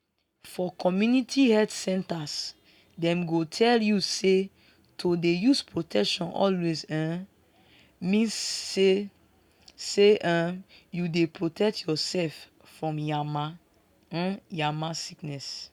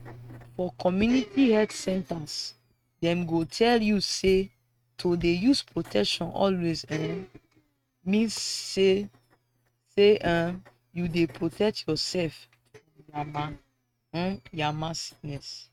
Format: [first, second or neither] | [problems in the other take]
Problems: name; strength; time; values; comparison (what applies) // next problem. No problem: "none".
first | noise reduction (neural mask model RNNoise)